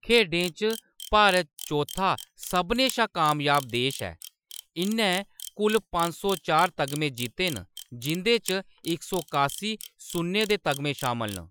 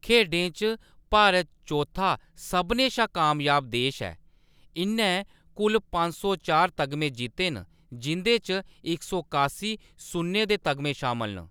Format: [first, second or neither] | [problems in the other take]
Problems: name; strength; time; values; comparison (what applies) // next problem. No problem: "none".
second | noise reduction (classical method Wiener filter)